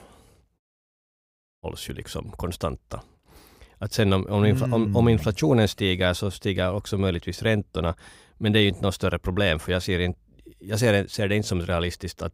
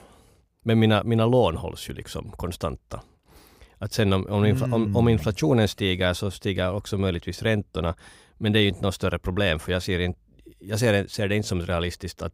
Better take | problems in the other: second | audio cutting out; at 0.5 s for 1 s

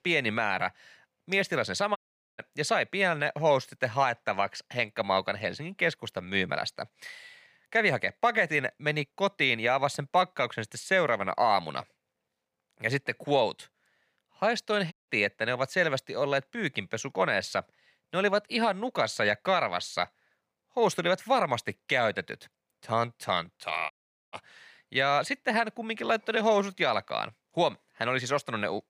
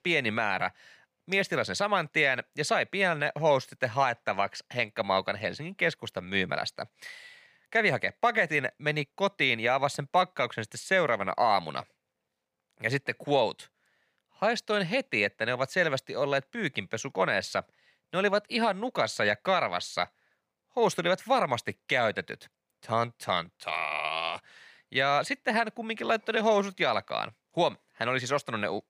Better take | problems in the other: second | audio cutting out; at 2 s, at 15 s and at 24 s

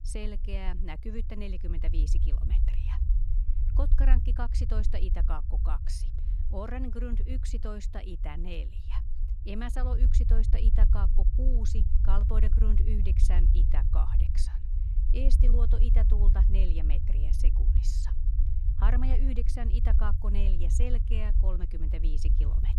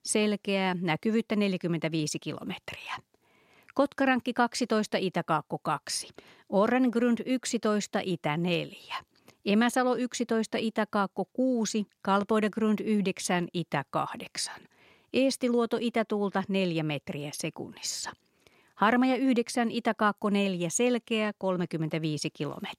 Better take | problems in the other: second | low rumble; loud; throughout; 6 dB below the speech

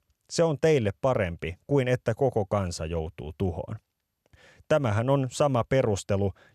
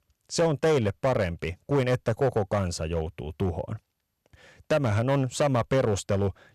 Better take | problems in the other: first | distortion; slight; 7% of the sound clipped

